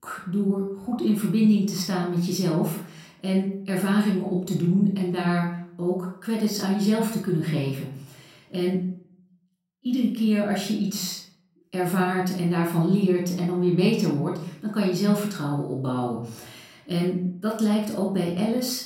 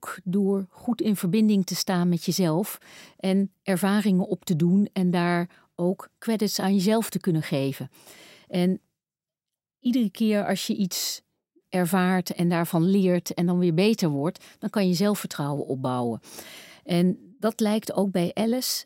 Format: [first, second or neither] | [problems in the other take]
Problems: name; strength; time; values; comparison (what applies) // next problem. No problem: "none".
second | off-mic speech; somewhat distant // room echo; noticeable; dies away in 0.5 s